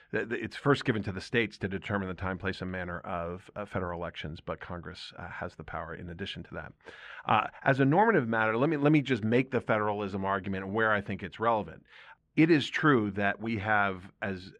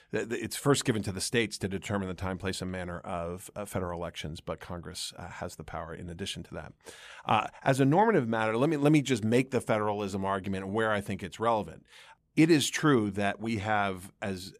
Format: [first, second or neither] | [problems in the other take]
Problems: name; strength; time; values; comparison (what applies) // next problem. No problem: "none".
second | muffled; slightly; fading above 2.5 kHz